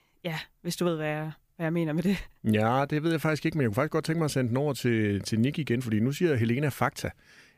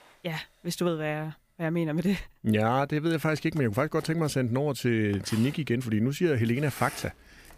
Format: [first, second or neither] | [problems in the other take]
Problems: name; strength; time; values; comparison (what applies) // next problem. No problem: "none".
first | household noises; noticeable; throughout; 20 dB below the speech